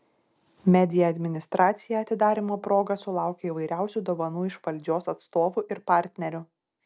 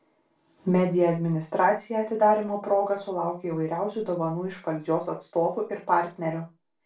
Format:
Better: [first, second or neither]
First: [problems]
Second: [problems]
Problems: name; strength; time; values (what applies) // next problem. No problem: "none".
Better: first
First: none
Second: room echo; dies away in 0.3 s